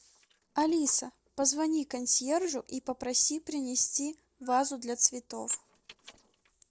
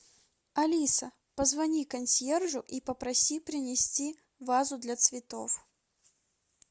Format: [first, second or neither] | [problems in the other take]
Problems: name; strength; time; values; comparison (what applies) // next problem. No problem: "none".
second | noise reduction (neural separator model SepFormer DNS4)